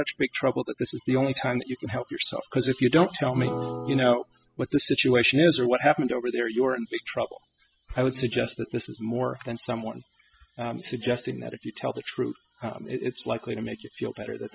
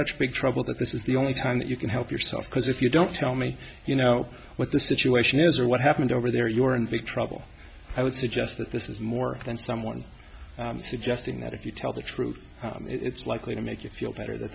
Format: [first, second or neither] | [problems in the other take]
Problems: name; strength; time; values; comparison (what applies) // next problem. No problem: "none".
second | noise reduction (classical method spectral subtraction)